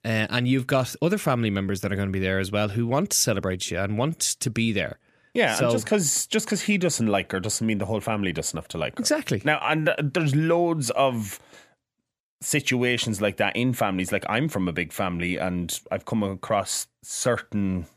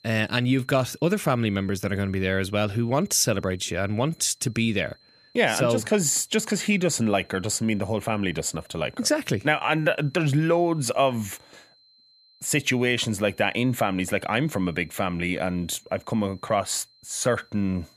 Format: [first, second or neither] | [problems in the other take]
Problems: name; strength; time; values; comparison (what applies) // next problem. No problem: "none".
first | high-pitched whine; faint; throughout; 4 kHz, 30 dB below the speech